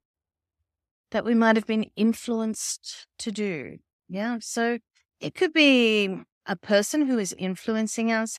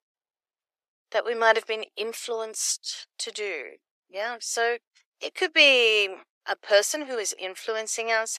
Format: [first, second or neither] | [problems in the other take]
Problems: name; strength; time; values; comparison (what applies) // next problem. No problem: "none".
first | thin; very; fading below 450 Hz